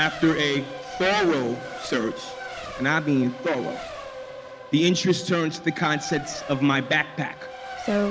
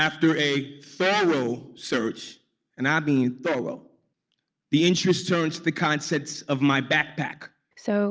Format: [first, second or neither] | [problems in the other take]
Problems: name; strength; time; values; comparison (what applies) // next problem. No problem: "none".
second | background sound (Race car, auto racing); 12 dB below the speech